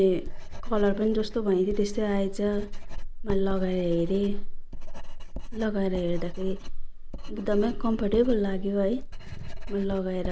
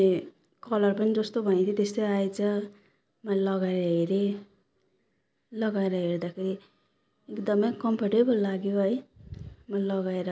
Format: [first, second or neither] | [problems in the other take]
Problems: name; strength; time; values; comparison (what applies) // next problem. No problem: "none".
second | background sound (Writing); 2 dB below the speech